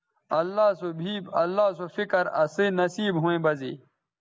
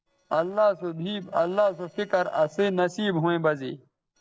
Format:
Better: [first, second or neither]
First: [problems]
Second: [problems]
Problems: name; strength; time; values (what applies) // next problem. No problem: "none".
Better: first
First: none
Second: noise reduction (neural separator model SepFormer DNS4)